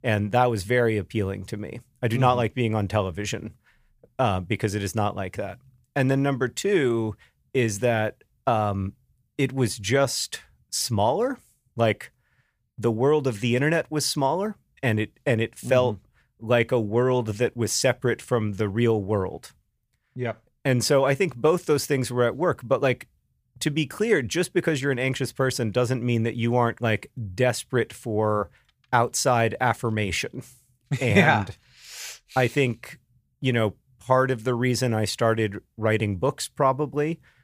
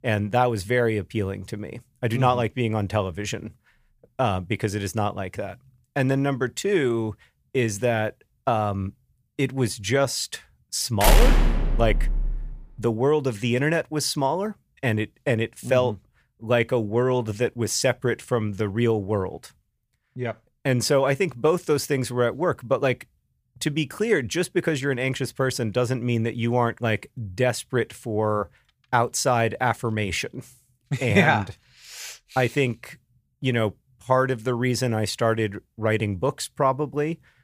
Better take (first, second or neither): first